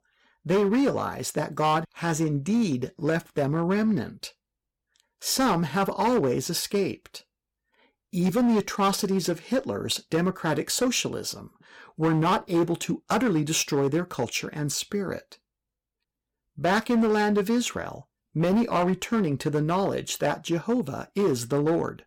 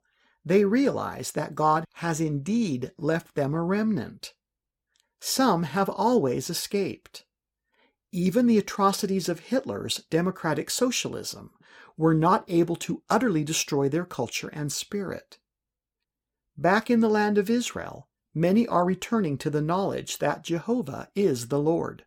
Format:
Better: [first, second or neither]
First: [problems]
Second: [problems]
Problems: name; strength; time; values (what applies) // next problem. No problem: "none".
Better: second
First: distortion; slight; 8% of the sound clipped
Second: none